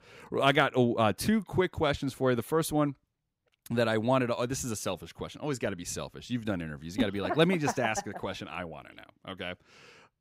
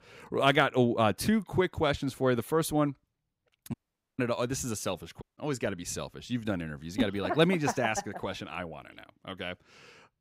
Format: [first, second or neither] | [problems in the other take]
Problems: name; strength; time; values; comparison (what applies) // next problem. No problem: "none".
first | audio cutting out; at 3.5 s and at 5 s